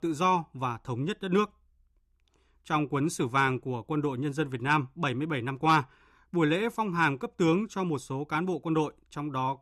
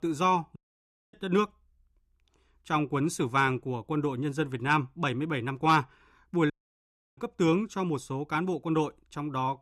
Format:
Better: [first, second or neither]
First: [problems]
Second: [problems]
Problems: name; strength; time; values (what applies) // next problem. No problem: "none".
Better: first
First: none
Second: audio cutting out; at 0.5 s for 0.5 s and at 6.5 s for 0.5 s